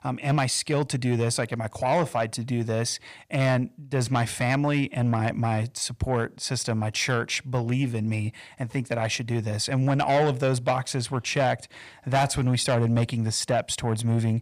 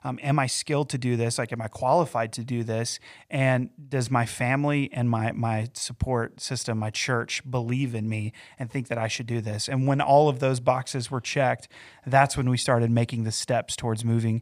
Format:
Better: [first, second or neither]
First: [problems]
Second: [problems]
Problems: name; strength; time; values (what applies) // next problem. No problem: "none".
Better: second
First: distortion; slight; 10 dB below the speech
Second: none